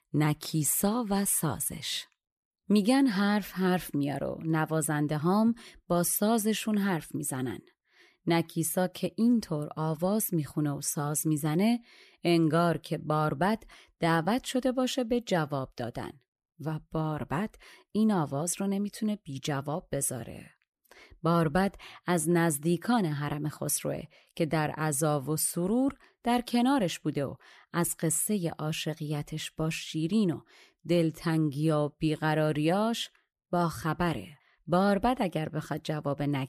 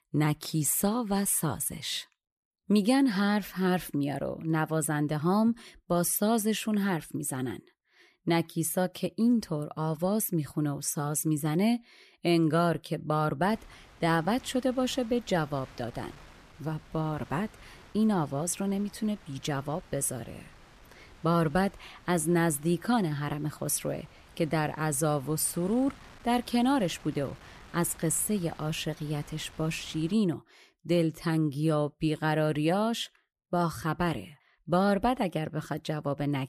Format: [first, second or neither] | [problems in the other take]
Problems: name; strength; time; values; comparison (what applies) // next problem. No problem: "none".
first | wind noise on the microphone; occasional gusts; from 13 to 30 s; 20 dB below the speech